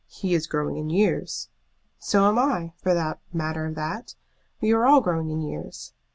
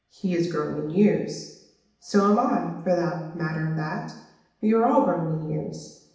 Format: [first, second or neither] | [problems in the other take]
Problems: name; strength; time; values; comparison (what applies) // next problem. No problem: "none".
first | room echo; dies away in 0.8 s